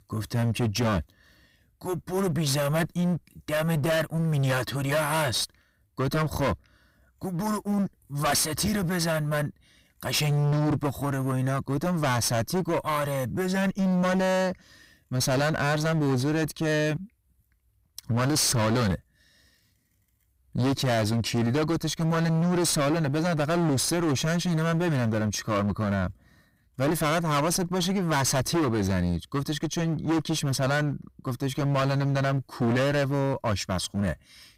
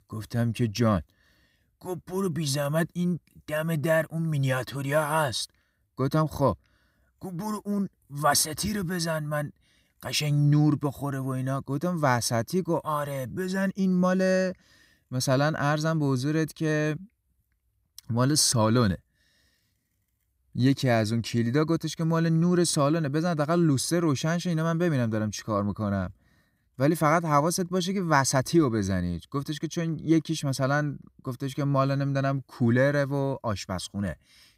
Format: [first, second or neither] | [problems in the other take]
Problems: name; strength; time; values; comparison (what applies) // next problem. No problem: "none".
second | distortion; heavy; 24% of the sound clipped